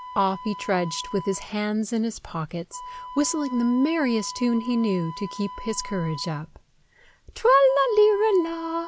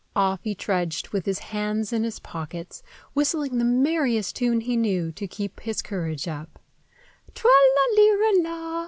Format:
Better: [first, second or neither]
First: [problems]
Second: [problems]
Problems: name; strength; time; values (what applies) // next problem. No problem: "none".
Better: second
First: background sound (Wind instrument, woodwind instrument); 15 dB below the speech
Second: none